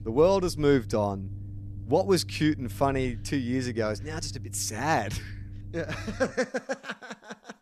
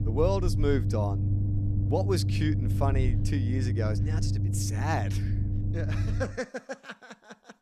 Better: first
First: low rumble; faint; until 6.5 s; 25 dB below the speech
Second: low rumble; loud; until 6.5 s; 7 dB below the speech

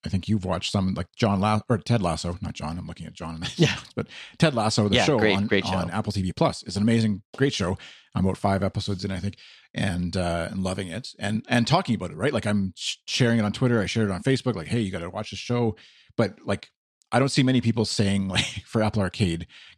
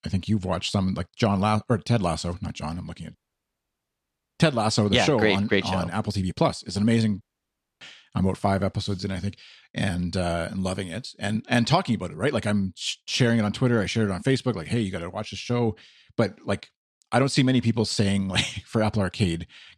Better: first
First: none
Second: audio cutting out; at 3 s for 1 s and at 7 s for 0.5 s

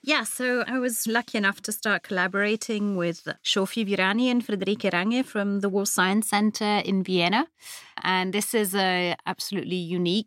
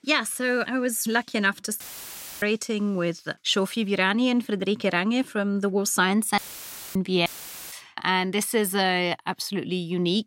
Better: first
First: none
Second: audio cutting out; filled with static; at 2 s for 0.5 s, at 6.5 s for 0.5 s and at 7.5 s

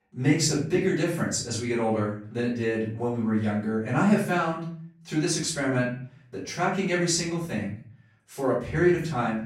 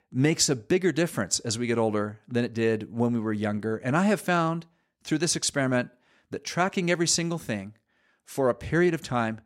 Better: second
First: off-mic speech; far // room echo; noticeable; dies away in 0.5 s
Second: none

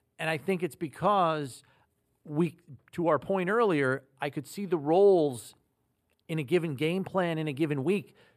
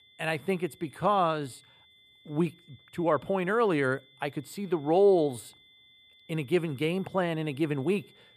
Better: first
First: none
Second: high-pitched whine; faint; throughout; 3.5 kHz, 30 dB below the speech

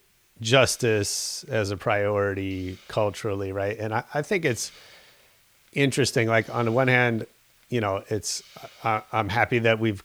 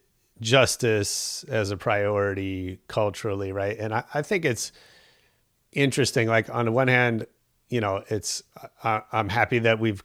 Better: second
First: hiss; faint; throughout; 30 dB below the speech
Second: none

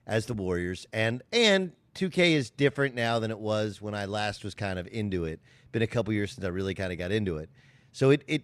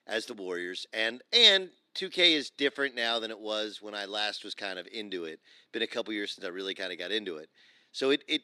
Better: first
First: none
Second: thin; somewhat; fading below 300 Hz

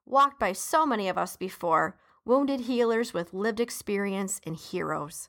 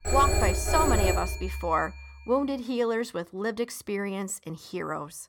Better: first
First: none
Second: phone ringing; loud; until 2 s; peak 5 dB above the speech

